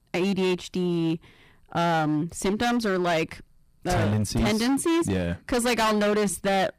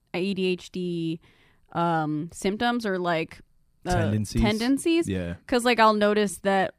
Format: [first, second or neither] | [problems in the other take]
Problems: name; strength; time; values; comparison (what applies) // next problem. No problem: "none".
second | distortion; heavy; 22% of the sound clipped